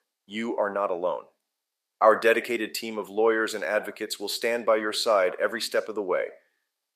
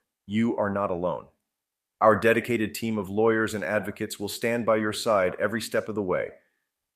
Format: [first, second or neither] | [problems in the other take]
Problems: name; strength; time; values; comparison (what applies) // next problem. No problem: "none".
second | thin; somewhat; fading below 400 Hz